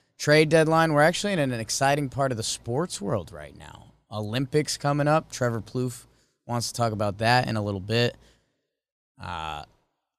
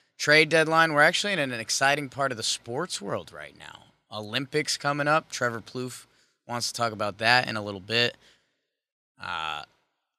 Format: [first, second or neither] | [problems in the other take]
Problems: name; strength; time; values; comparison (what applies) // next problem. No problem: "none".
first | thin; very slightly; fading below 450 Hz